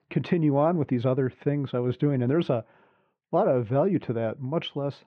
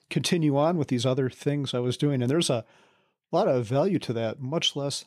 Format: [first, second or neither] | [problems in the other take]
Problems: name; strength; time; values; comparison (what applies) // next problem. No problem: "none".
second | muffled; very; fading above 2 kHz